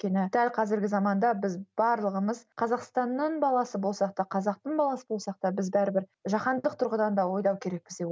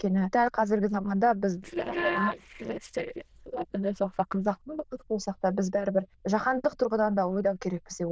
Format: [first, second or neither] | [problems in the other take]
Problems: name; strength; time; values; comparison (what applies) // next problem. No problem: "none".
first | noise reduction (neural diffusion model UNIVERSE++)